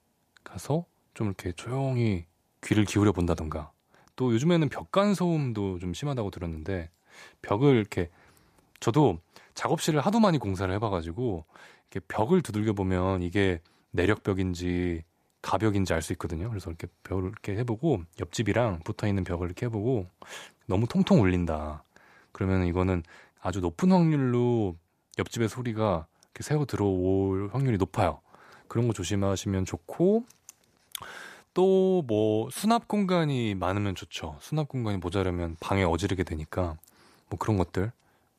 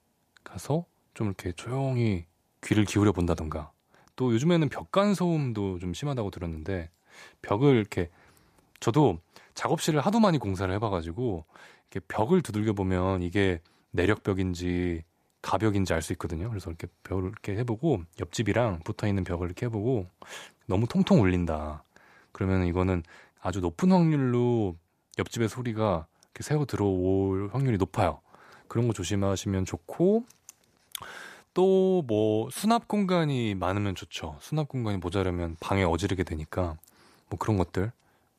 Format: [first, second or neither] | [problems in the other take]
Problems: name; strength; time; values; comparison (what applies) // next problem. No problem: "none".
neither | none